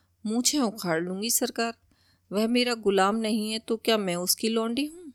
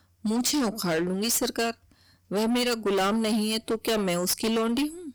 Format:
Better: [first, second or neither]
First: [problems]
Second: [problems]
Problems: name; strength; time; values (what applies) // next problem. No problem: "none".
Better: first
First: none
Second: distortion; heavy; 22% of the sound clipped